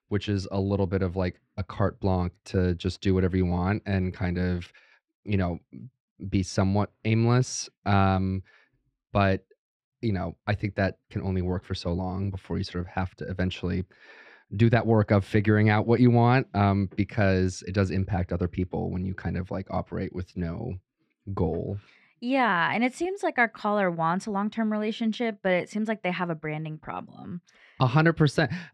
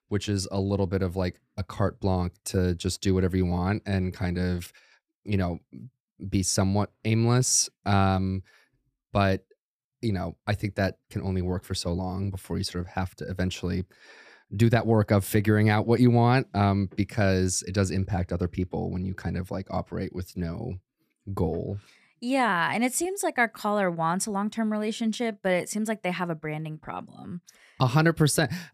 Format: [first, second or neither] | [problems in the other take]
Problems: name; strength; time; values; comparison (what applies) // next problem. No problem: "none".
second | muffled; slightly; fading above 3 kHz